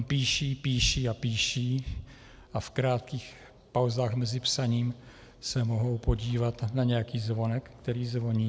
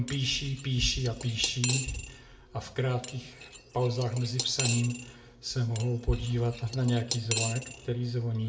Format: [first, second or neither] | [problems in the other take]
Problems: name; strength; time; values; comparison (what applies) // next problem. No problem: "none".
first | background sound (Cutlery, silverware / Dishes, pots, and pans); 8 dB below the speech // room echo; dies away in 0.5 s